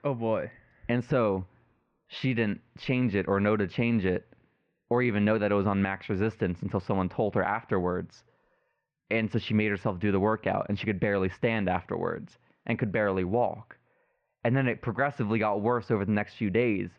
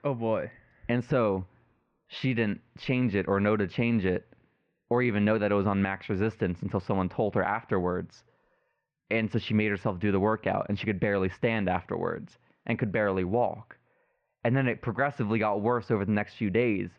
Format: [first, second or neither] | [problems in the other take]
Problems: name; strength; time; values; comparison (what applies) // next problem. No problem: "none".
neither | muffled; very; fading above 2.5 kHz; the same in both